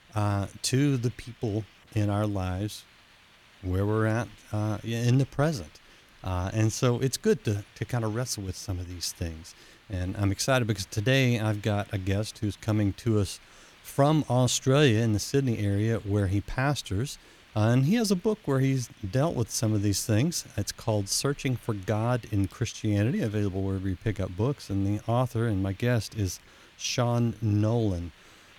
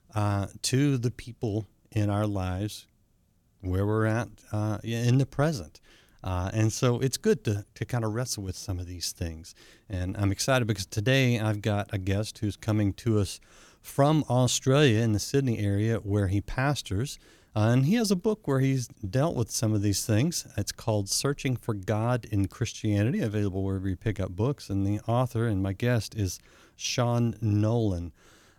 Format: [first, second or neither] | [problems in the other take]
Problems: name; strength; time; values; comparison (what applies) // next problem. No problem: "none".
second | hiss; faint; throughout; 25 dB below the speech